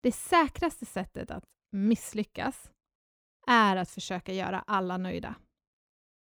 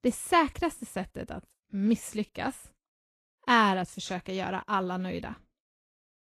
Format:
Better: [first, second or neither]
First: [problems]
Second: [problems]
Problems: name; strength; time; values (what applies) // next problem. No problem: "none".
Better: first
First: none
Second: garbled, watery; slightly; nothing above 11.5 kHz